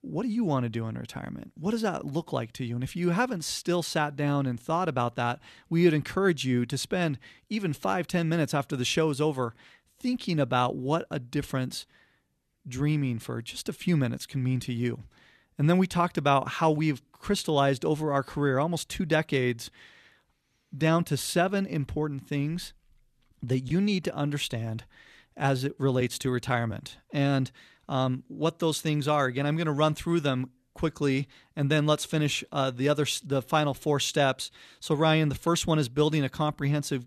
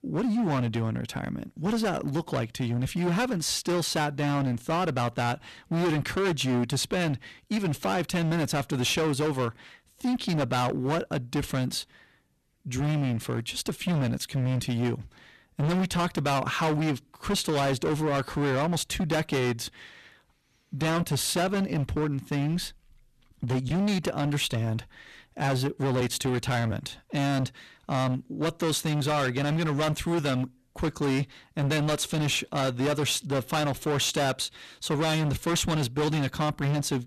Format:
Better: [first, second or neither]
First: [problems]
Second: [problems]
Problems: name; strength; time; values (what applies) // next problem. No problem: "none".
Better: first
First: none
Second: distortion; heavy; 21% of the sound clipped